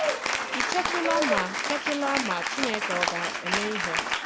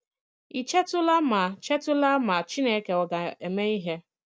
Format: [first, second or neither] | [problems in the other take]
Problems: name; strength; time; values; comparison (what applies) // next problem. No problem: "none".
second | background sound (Applause / Cheering); 4 dB above the speech